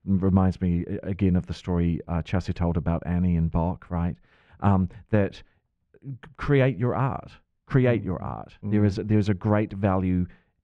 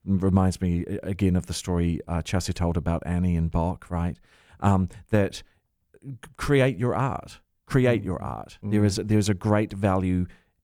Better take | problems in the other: second | muffled; slightly; fading above 3 kHz

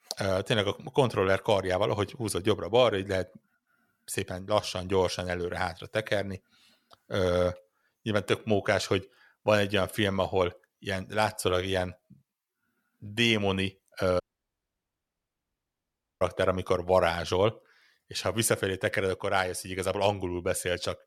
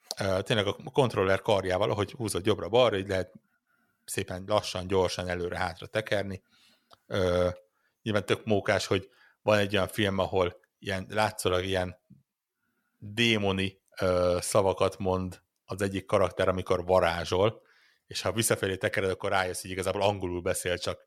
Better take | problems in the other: second | audio cutting out; at 14 s for 2 s

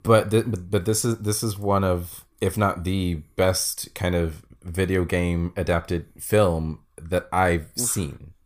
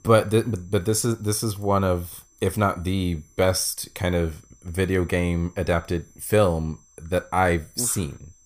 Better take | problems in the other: first | high-pitched whine; faint; throughout; 6 kHz, 30 dB below the speech

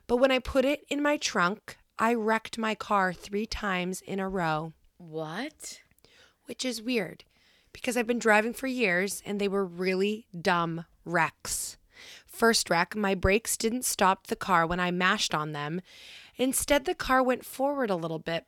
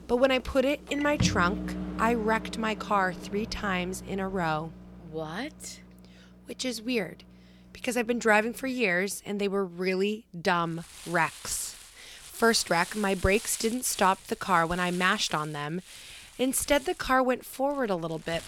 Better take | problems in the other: first | household noises; noticeable; throughout; 10 dB below the speech

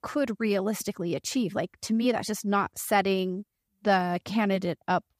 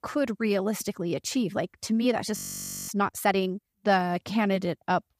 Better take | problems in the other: first | audio freezing; at 2.5 s for 0.5 s

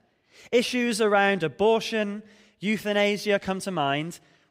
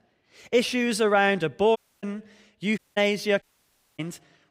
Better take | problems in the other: first | audio cutting out; at 2 s, at 3 s and at 3.5 s for 0.5 s

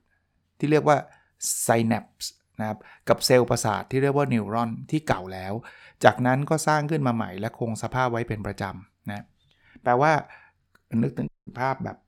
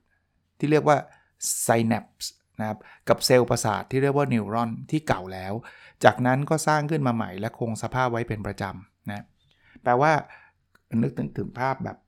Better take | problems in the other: second | audio cutting out; at 11 s

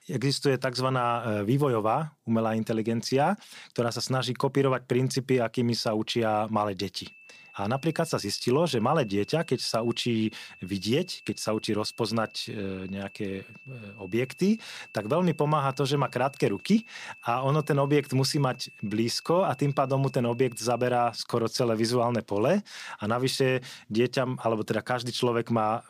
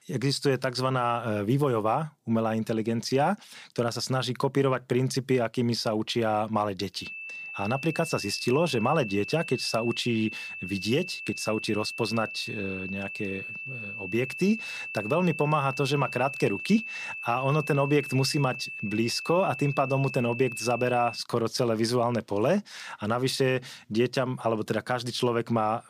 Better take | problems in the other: first | high-pitched whine; loud; from 7 to 21 s; 2.5 kHz, 8 dB below the speech; faint in the first

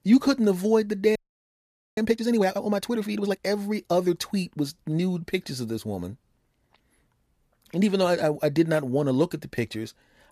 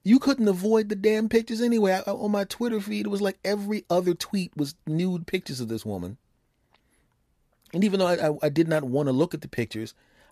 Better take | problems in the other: second | audio freezing; at 1 s for 1 s

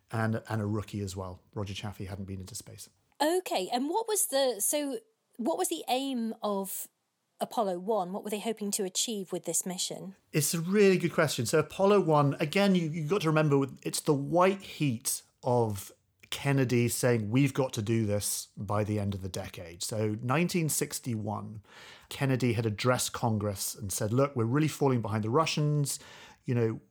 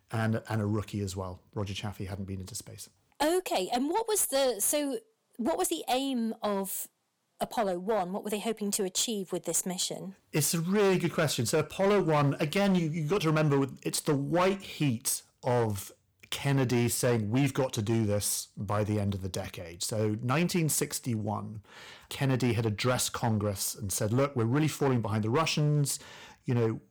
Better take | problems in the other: first | distortion; slight; 7% of the sound clipped

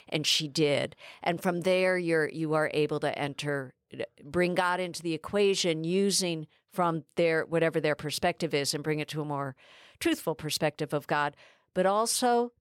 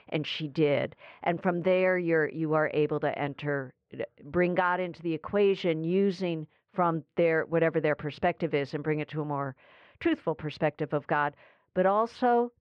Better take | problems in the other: first | muffled; very; fading above 2.5 kHz

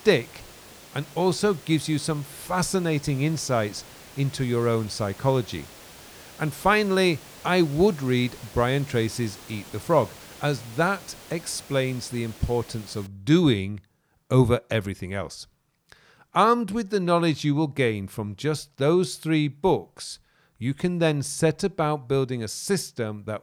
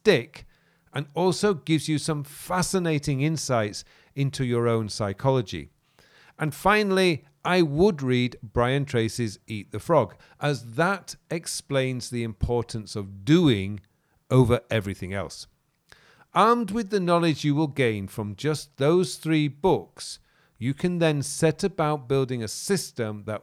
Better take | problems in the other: second | hiss; noticeable; until 13 s; 20 dB below the speech

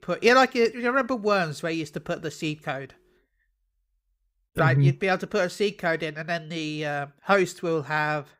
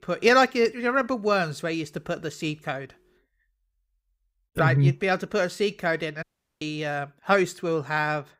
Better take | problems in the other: first | audio cutting out; at 6 s

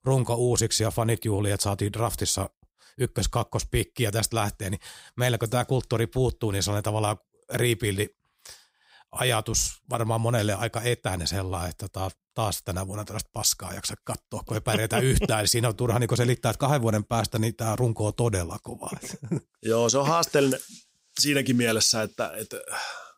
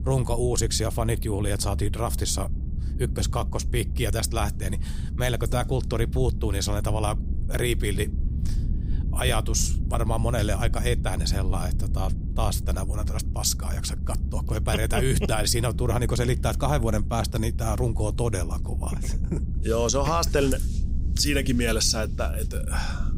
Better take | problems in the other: first | low rumble; noticeable; throughout; 15 dB below the speech

